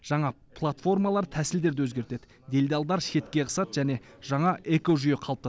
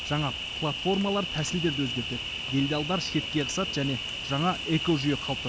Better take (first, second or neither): first